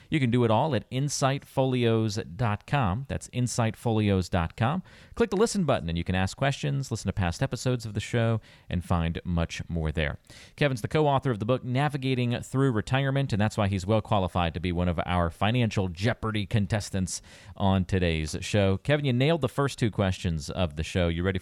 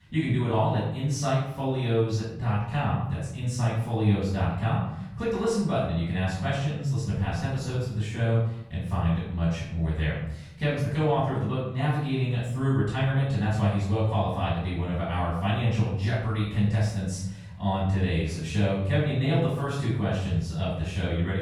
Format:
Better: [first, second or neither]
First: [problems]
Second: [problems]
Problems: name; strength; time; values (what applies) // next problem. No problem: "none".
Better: first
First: none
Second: off-mic speech; far // room echo; noticeable; dies away in 0.8 s